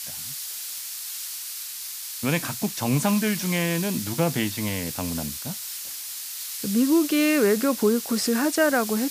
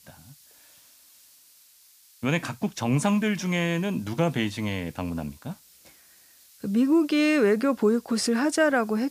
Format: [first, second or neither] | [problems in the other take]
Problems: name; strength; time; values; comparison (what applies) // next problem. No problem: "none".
second | hiss; loud; throughout; 7 dB below the speech; faint in the second